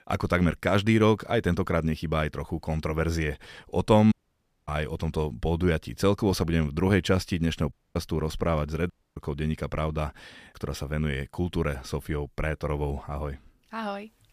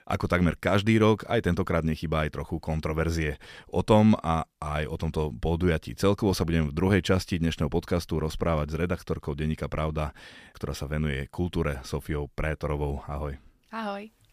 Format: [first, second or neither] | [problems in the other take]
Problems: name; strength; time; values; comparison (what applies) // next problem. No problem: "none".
second | audio cutting out; at 4 s for 0.5 s, at 7.5 s and at 9 s